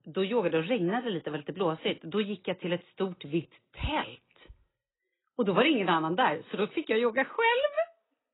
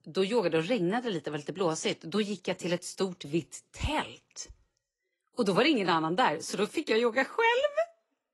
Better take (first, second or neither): second